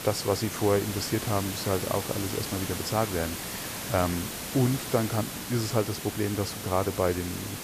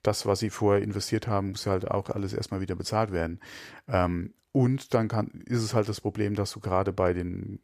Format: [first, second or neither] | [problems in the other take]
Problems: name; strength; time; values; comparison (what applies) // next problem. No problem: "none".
second | hiss; loud; throughout; 5 dB below the speech